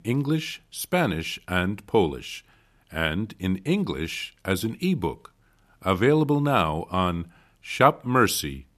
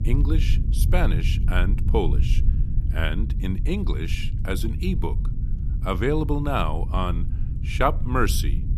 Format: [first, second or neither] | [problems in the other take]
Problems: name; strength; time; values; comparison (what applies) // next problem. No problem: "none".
first | low rumble; noticeable; throughout; 15 dB below the speech